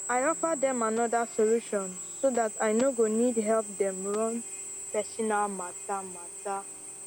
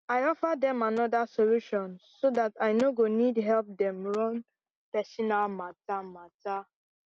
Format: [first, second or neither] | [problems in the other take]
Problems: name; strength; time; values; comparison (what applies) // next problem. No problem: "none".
second | background sound (Drill); 11 dB below the speech